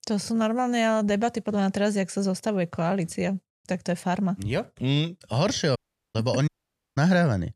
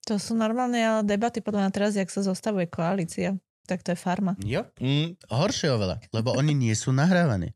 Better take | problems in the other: second | audio cutting out; at 6 s and at 6.5 s

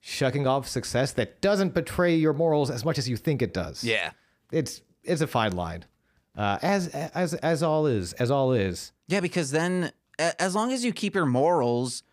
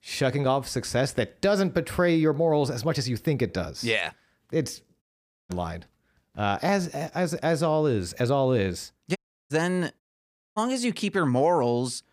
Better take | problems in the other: first | audio cutting out; at 5 s, at 9 s and at 10 s for 0.5 s

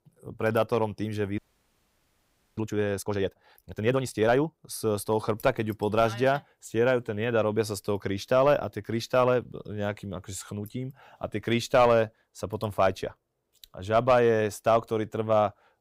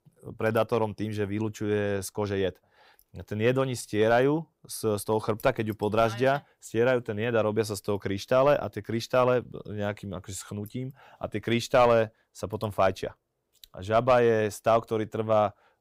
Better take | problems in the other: second | audio freezing; at 1.5 s for 1 s

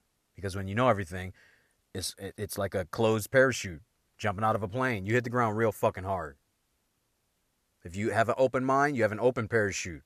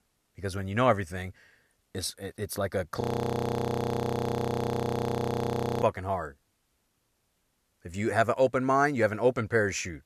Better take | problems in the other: first | audio freezing; at 3 s for 3 s

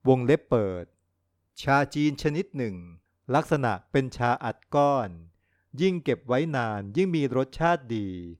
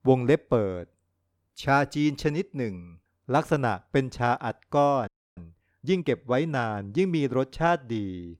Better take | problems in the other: first | audio freezing; at 5 s

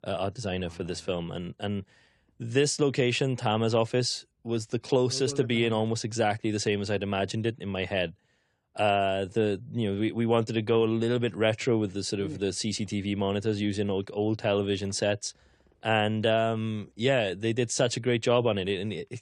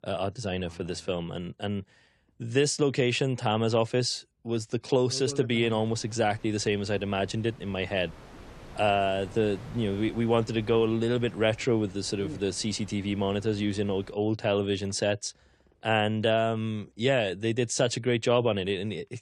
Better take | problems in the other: first | wind noise on the microphone; occasional gusts; from 5.5 to 14 s; 20 dB below the speech

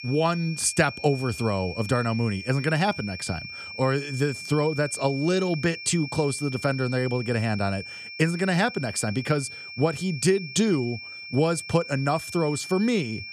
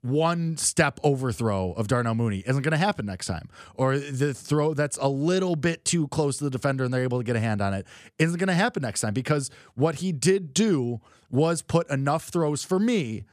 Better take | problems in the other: second | high-pitched whine; noticeable; throughout; 2.5 kHz, 10 dB below the speech

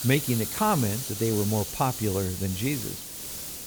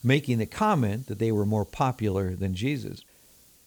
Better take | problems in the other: second | hiss; loud; throughout; 5 dB below the speech; faint in the second

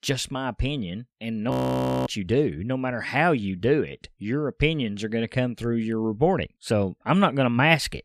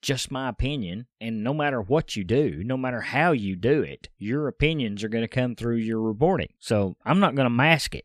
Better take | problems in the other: second | audio freezing; at 1.5 s for 0.5 s

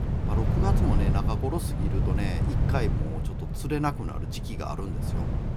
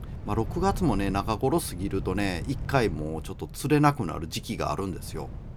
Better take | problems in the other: second | wind noise on the microphone; heavy; 3 dB below the speech; occasional gusts in the second

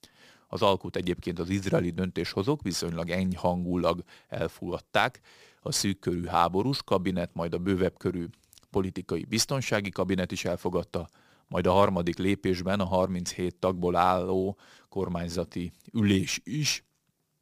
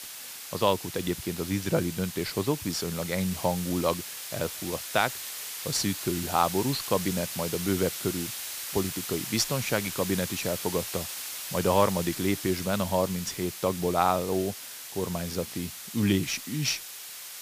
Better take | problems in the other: first | hiss; loud; throughout; 6 dB below the speech

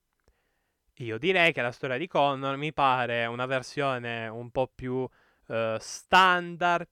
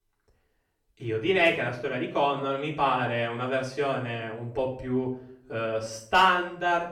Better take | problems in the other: first | off-mic speech; far // room echo; slight; dies away in 0.5 s

